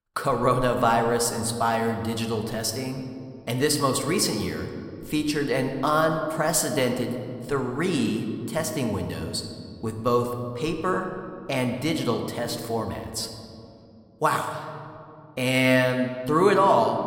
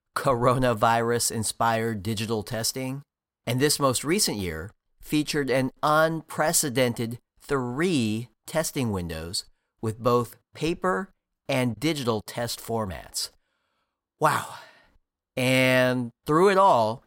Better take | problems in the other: second | room echo; slight; dies away in 1.9 s

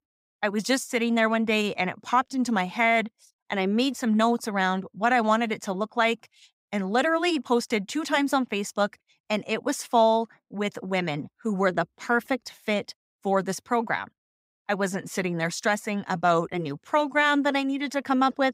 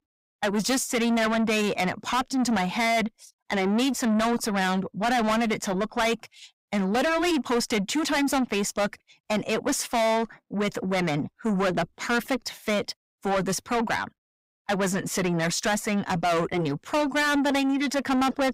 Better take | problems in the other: first | distortion; heavy; 6 dB below the speech

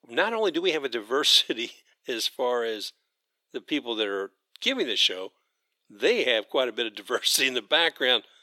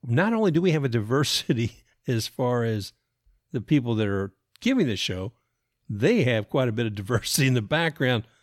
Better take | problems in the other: second | thin; very; fading below 350 Hz

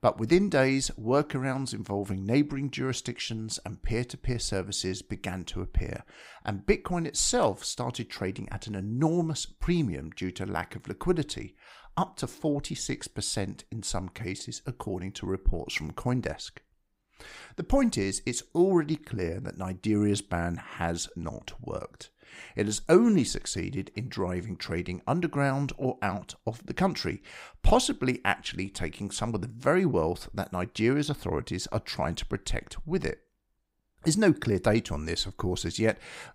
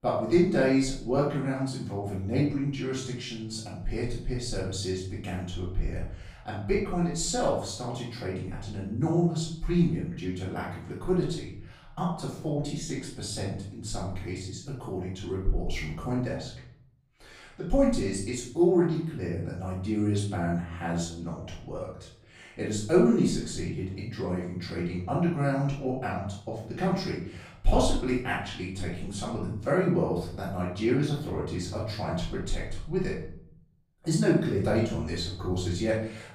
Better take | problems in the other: first | off-mic speech; far // room echo; noticeable; dies away in 0.6 s

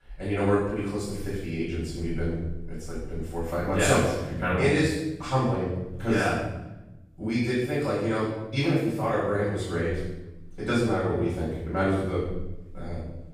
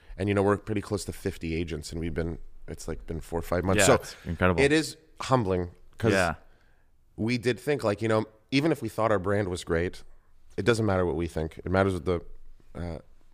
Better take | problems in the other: second | off-mic speech; far // room echo; strong; dies away in 1 s

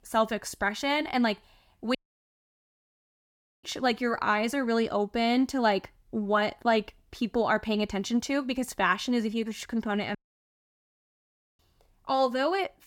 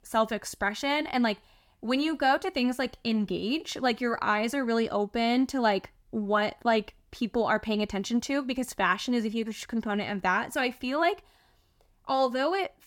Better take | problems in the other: second | audio cutting out; at 2 s for 1.5 s and at 10 s for 1.5 s

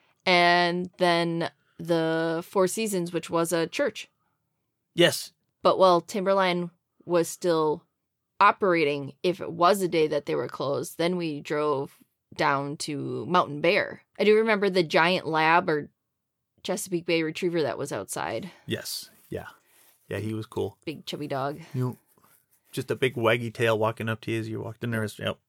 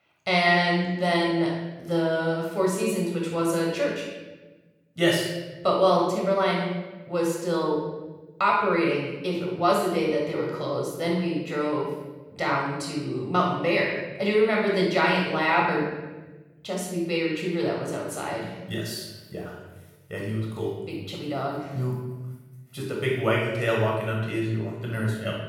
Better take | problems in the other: first | off-mic speech; far // room echo; noticeable; dies away in 1.1 s

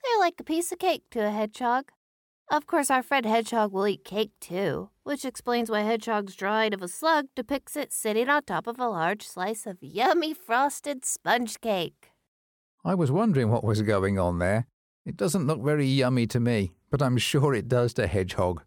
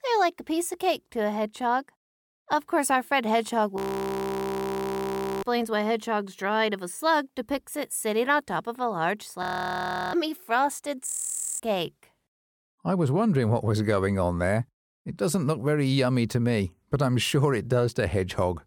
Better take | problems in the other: first | audio freezing; at 4 s for 1.5 s, at 9.5 s for 0.5 s and at 11 s for 0.5 s

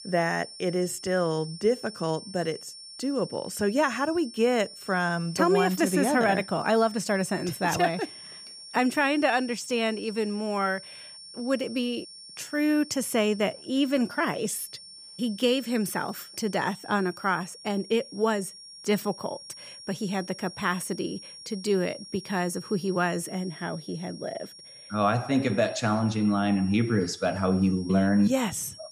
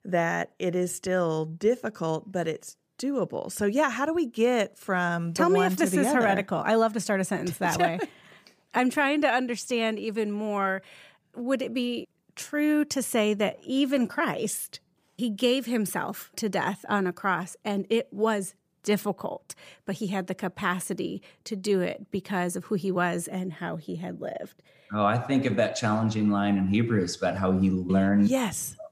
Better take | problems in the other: second | high-pitched whine; noticeable; throughout; 5.5 kHz, 15 dB below the speech

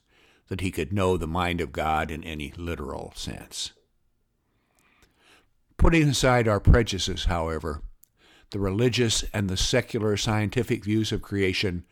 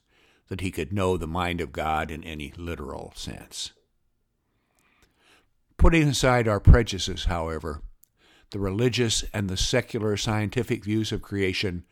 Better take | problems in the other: second | distortion; slight; 10 dB below the speech

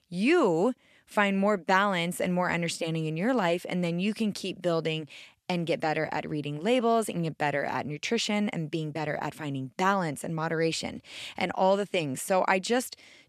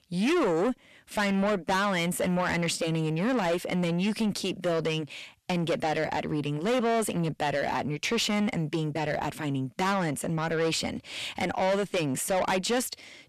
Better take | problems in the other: first | distortion; heavy; 7 dB below the speech

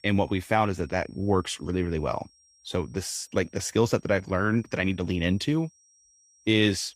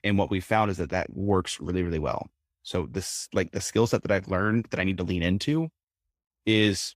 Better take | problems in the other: second | high-pitched whine; faint; throughout; 5.5 kHz, 30 dB below the speech

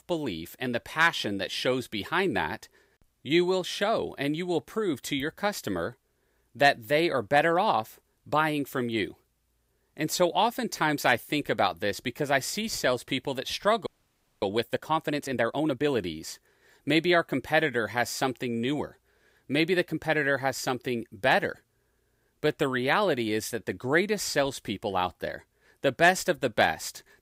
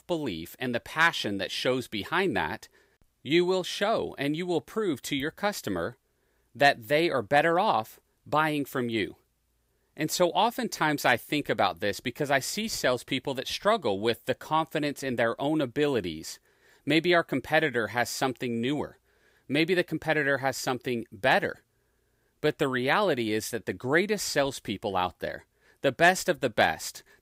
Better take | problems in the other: second | audio freezing; at 14 s for 0.5 s

